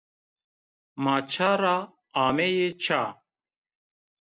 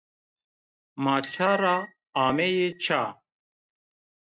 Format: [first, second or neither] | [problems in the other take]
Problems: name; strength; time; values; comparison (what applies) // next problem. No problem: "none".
first | noise reduction (neural mask model RNNoise)